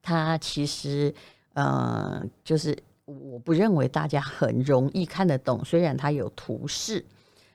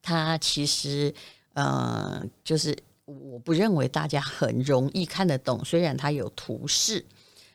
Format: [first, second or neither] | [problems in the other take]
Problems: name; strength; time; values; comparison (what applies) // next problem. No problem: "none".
second | muffled; slightly; fading above 2.5 kHz